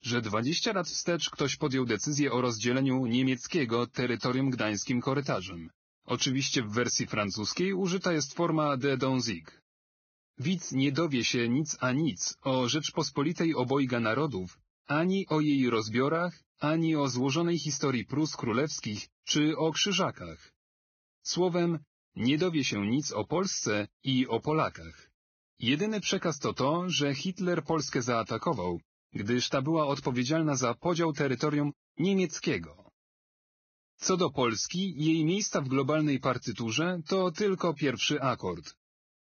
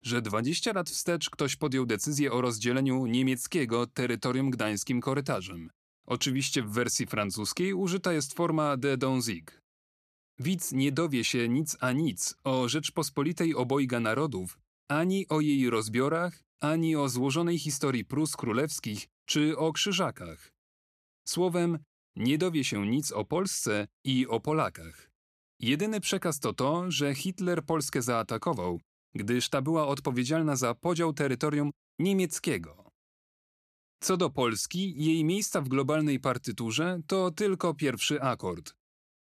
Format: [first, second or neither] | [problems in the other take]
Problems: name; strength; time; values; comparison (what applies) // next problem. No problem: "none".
second | garbled, watery; badly; nothing above 6.5 kHz